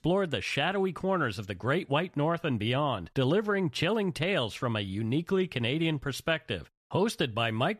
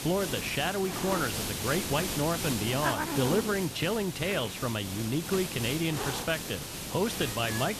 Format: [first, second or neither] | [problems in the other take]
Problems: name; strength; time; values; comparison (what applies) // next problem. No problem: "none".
first | hiss; loud; throughout; 3 dB below the speech